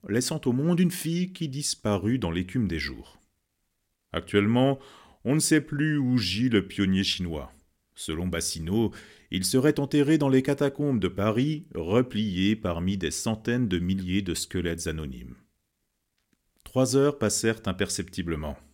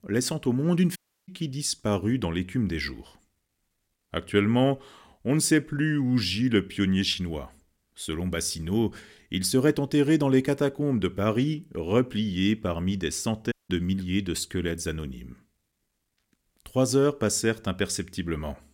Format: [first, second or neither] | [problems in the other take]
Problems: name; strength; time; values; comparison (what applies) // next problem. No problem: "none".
first | audio cutting out; at 1 s and at 14 s